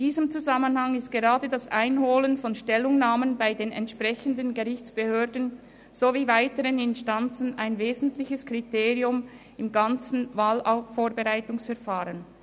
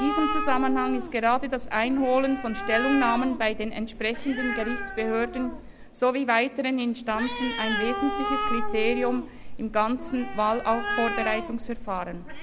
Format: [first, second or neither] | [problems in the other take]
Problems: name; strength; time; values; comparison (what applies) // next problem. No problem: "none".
first | background sound (Animal); 4 dB below the speech